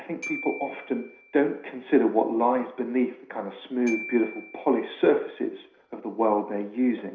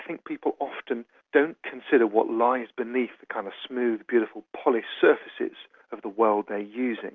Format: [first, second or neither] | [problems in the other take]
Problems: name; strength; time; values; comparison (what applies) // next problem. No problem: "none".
second | background sound (Glockenspiel); 17 dB below the speech // room echo; dies away in 0.5 s